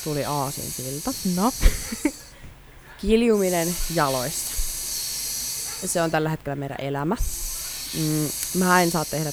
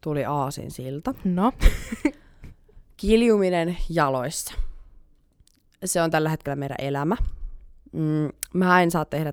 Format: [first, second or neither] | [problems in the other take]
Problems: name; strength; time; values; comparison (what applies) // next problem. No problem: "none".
second | hiss; loud; throughout; 4 dB below the speech